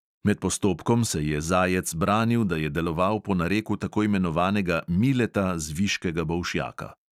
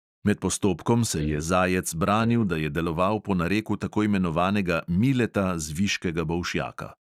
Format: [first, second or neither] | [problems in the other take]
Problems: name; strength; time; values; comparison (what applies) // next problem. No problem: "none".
first | noise reduction (neural mask model DeepFilterNet 3)